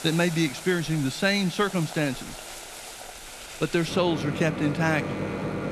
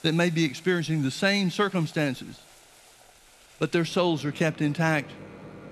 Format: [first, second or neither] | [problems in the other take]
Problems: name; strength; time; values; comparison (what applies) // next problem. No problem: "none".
second | household noises; loud; throughout; 9 dB below the speech; faint in the second